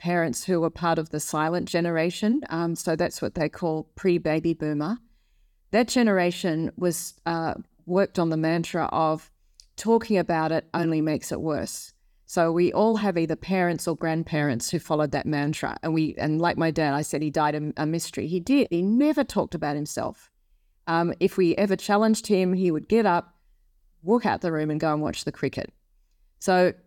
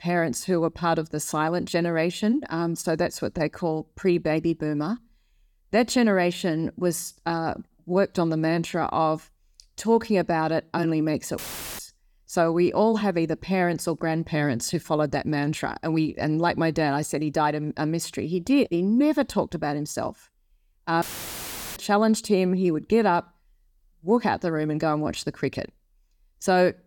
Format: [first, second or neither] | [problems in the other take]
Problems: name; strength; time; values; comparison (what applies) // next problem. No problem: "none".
first | audio cutting out; filled with static; at 11 s and at 21 s for 0.5 s